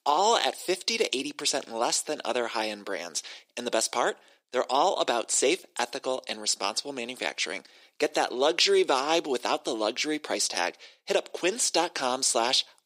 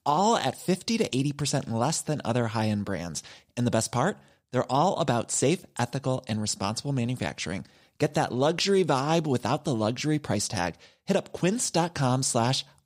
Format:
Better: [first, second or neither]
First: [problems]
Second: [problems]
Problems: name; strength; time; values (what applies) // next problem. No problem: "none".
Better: second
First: thin; somewhat; fading below 350 Hz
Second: none